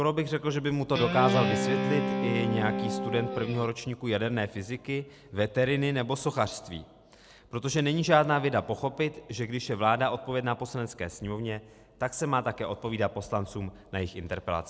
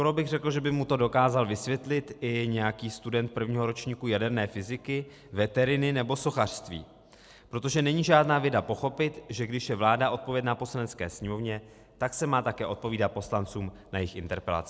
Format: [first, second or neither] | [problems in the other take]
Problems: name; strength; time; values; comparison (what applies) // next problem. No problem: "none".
second | background sound (Guitar); 1 dB below the speech